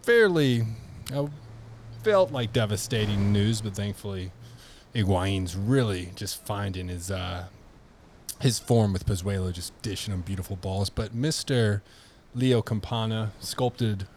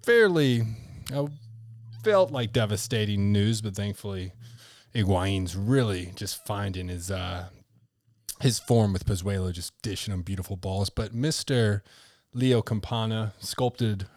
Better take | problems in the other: second | wind noise on the microphone; occasional gusts; 25 dB below the speech

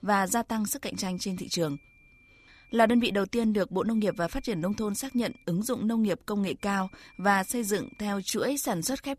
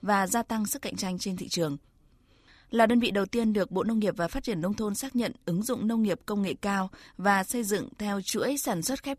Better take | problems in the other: second | high-pitched whine; faint; from 1 to 3 s, from 4 to 5.5 s and from 6.5 to 8 s; 2.5 kHz, 30 dB below the speech

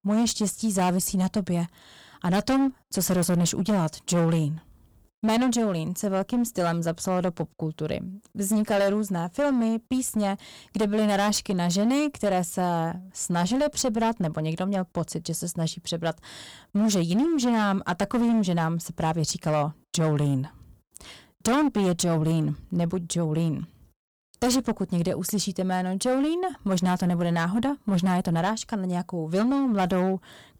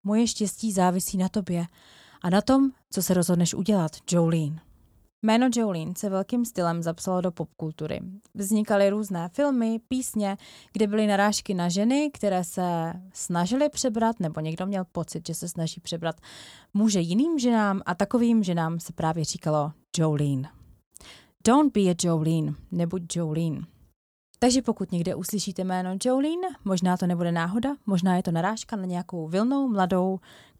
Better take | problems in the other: second | distortion; slight; 13% of the sound clipped

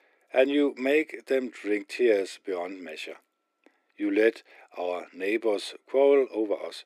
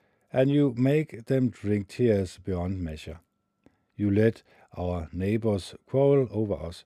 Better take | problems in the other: second | thin; somewhat; fading below 300 Hz

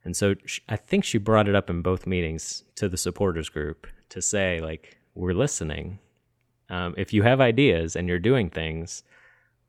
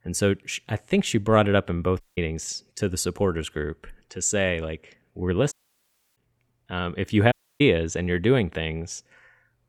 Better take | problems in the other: first | audio cutting out; at 2 s, at 5.5 s for 0.5 s and at 7.5 s

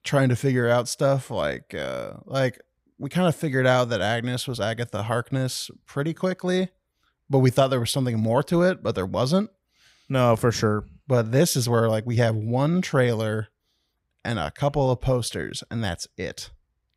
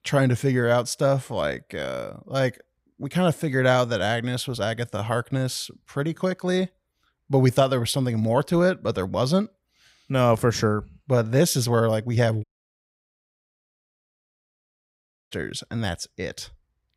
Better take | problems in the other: first | audio cutting out; at 12 s for 3 s

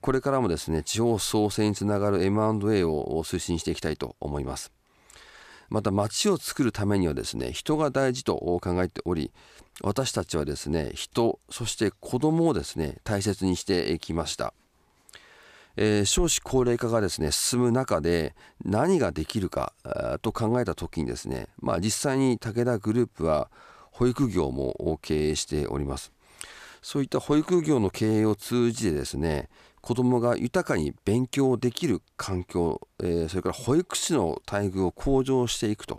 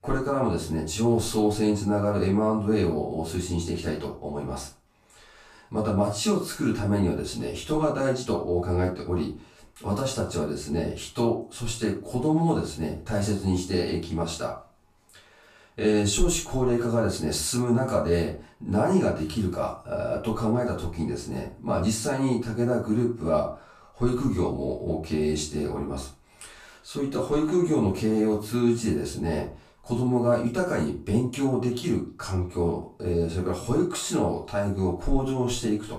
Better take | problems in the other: first | off-mic speech; far // room echo; slight; dies away in 0.3 s

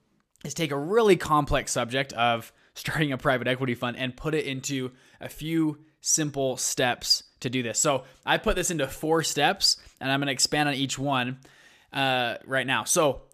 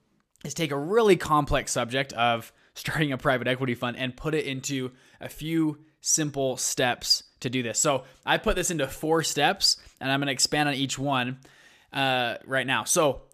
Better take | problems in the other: neither | none

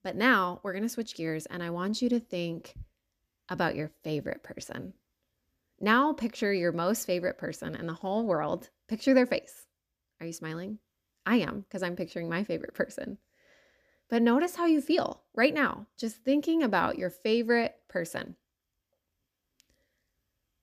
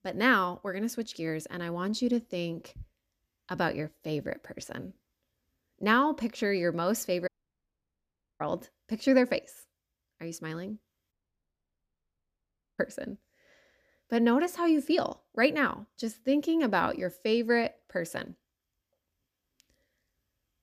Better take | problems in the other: first | audio cutting out; at 7.5 s for 1 s and at 11 s for 1.5 s

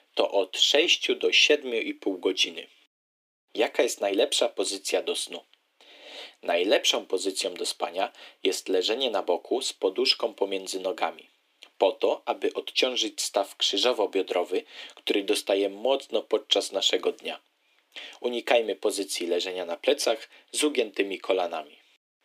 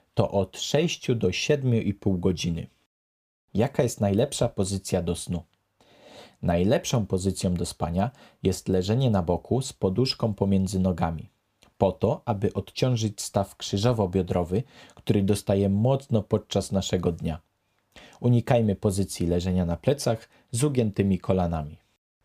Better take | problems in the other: second | thin; very; fading below 300 Hz

